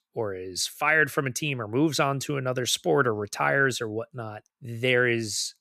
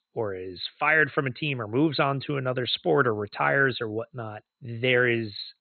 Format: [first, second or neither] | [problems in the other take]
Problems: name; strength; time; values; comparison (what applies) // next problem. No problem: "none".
first | garbled, watery; badly; nothing above 4 kHz